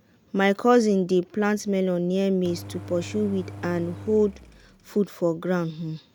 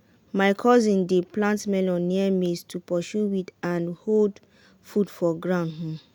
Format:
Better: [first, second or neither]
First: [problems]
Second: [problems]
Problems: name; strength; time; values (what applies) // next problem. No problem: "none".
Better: second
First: background sound (Engine); 16 dB below the speech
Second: none